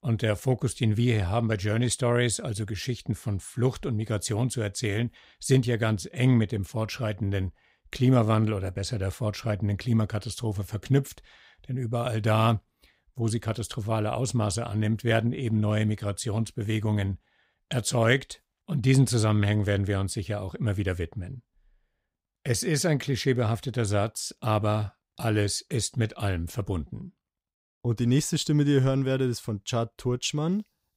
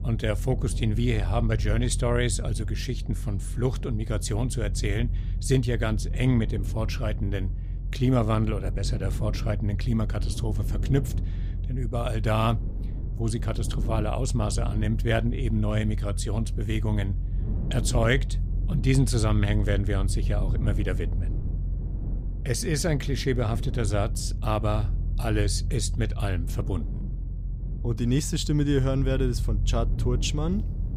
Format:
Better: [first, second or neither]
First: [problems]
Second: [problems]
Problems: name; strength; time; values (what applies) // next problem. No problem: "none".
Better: first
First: none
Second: low rumble; noticeable; throughout; 15 dB below the speech